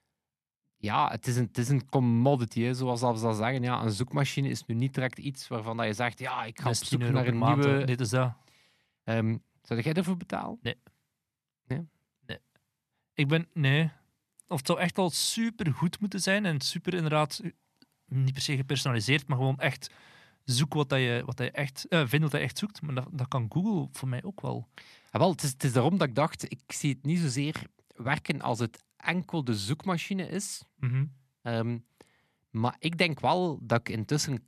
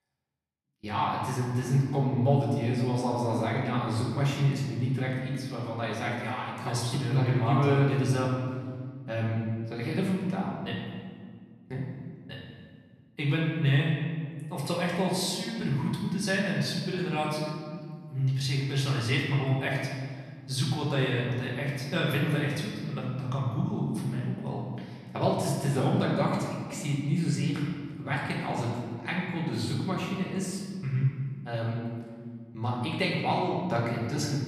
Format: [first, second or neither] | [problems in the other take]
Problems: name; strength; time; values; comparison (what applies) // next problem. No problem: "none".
first | off-mic speech; far // room echo; noticeable; dies away in 1.8 s